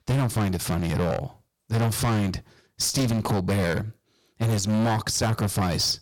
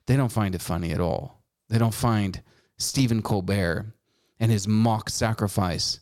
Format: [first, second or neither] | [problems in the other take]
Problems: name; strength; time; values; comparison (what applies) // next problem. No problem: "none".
second | distortion; heavy; 18% of the sound clipped